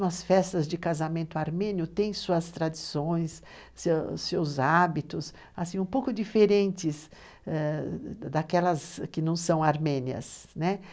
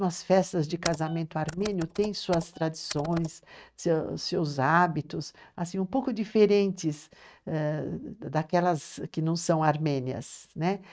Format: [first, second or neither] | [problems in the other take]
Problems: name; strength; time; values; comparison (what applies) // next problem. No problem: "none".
first | noise reduction (neural mask model RNNoise)